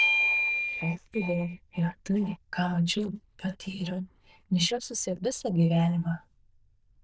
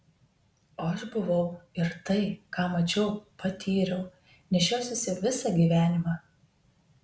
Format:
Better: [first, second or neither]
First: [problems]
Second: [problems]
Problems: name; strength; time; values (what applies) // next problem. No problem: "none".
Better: second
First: noise reduction (neural diffusion model UNIVERSE++)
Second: none